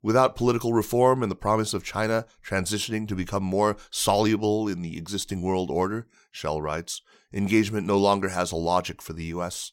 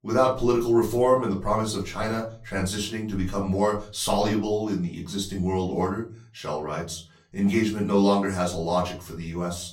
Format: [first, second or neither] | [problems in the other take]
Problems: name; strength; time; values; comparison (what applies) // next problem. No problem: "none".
first | off-mic speech; far // room echo; very slight; dies away in 0.3 s